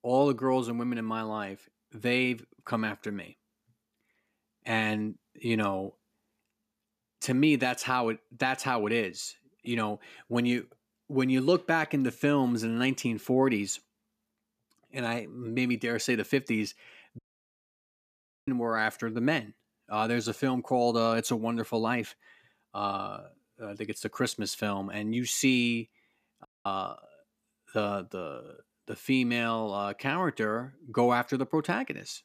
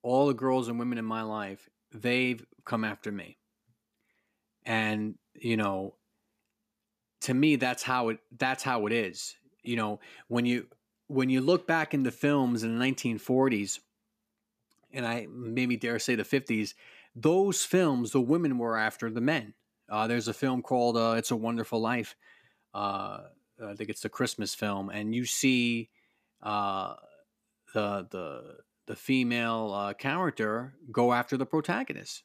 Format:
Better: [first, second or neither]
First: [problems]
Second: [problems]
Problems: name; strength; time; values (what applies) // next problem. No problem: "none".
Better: second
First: audio cutting out; at 17 s for 1.5 s and at 26 s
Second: none